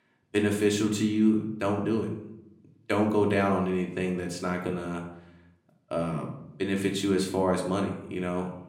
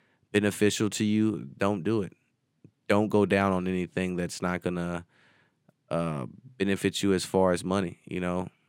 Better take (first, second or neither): second